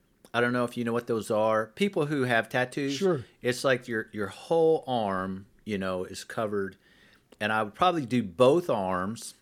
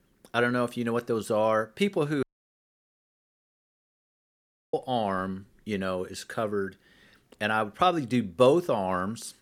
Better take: first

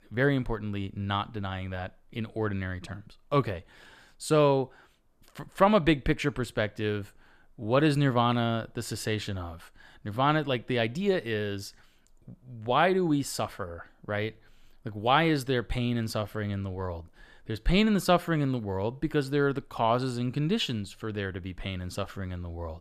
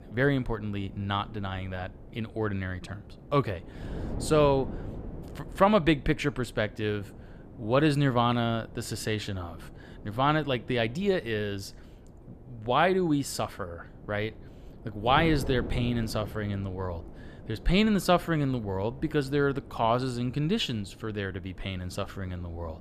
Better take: first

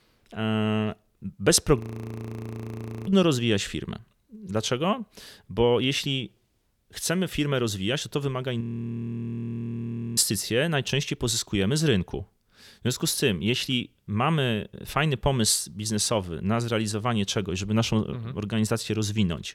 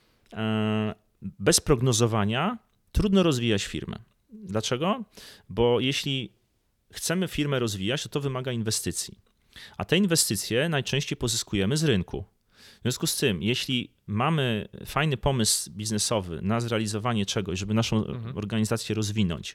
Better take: second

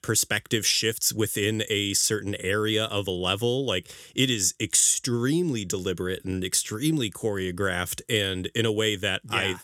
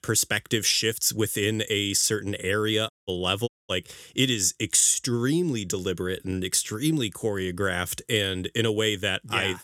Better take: first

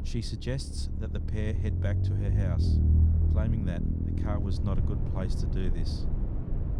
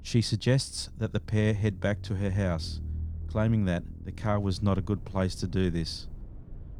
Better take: second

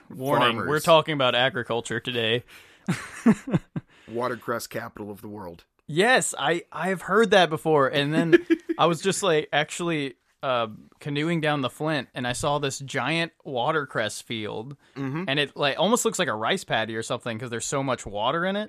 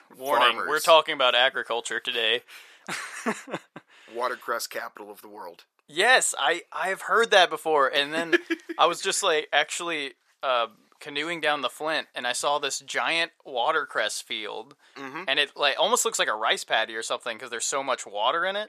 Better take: first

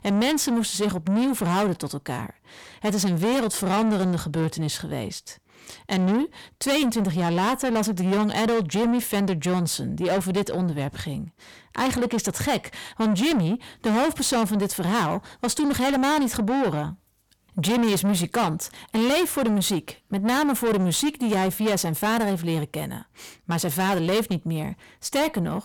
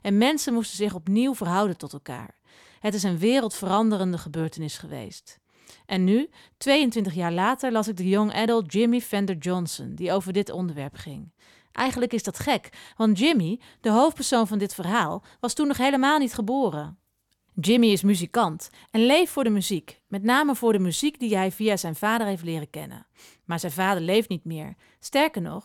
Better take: second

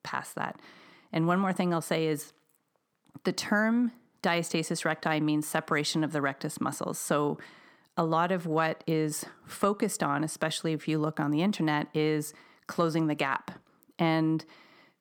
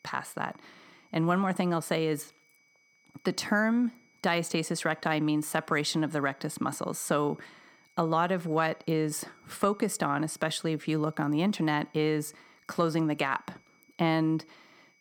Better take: first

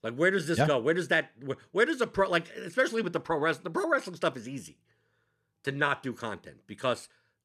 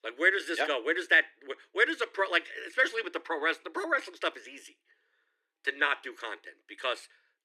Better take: first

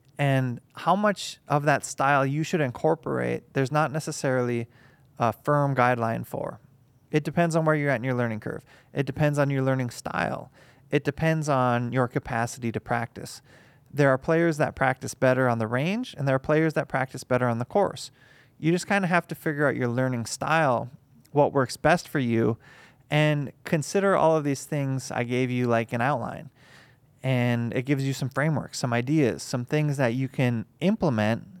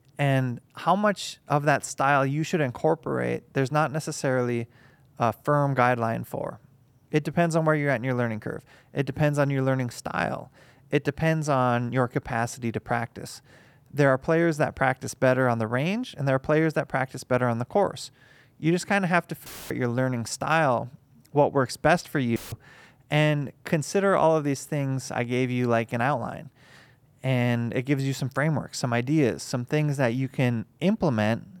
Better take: first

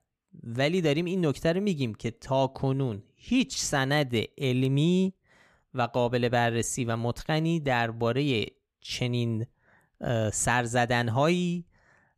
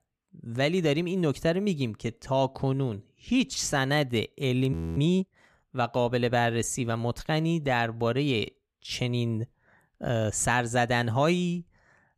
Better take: first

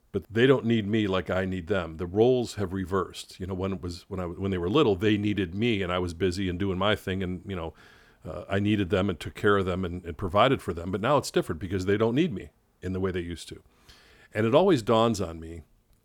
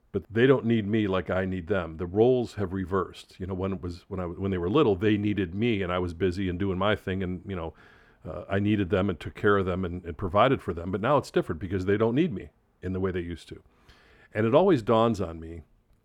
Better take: first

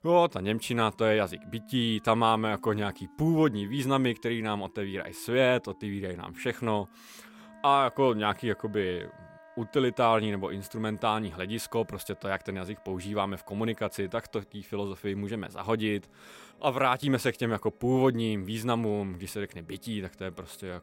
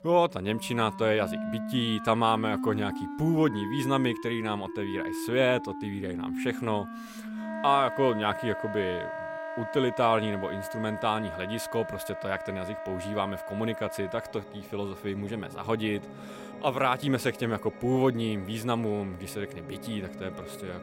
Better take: first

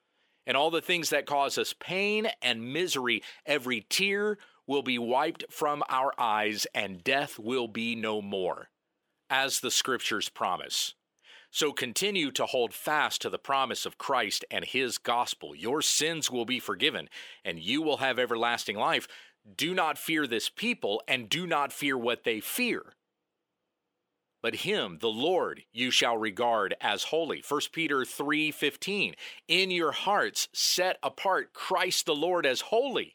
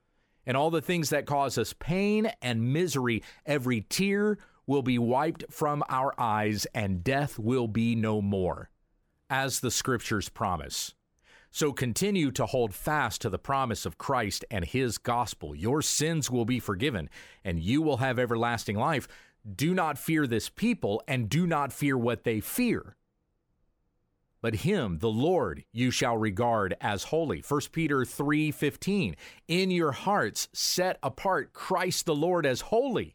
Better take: second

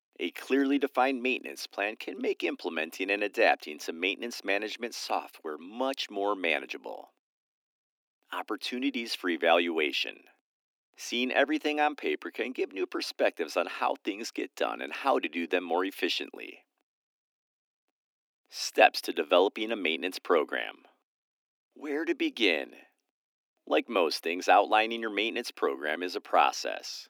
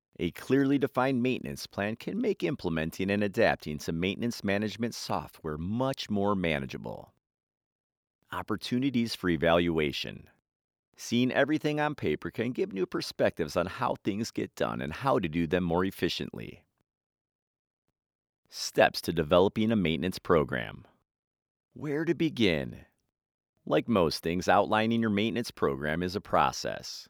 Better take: second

